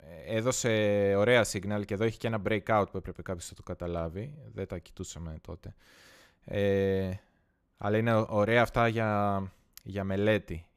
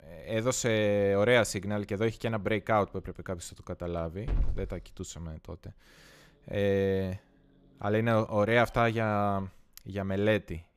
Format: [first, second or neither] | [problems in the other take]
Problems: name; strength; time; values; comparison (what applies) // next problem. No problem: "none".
first | animal sounds; loud; throughout; 10 dB below the speech